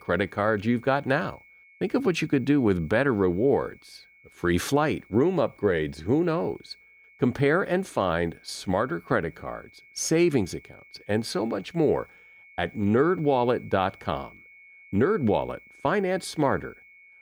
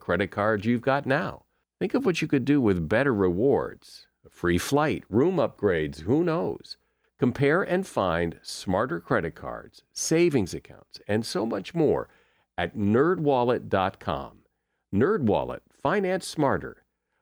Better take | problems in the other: second | high-pitched whine; faint; throughout; 2 kHz, 25 dB below the speech

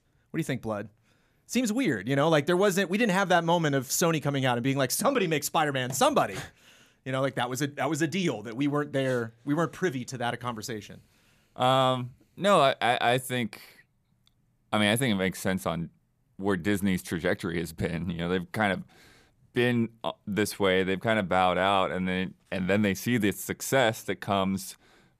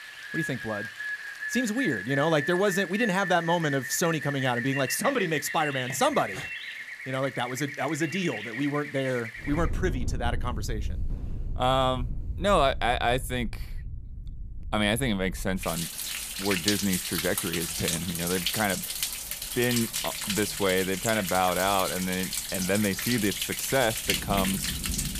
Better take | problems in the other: first | rain or running water; loud; throughout; 4 dB below the speech

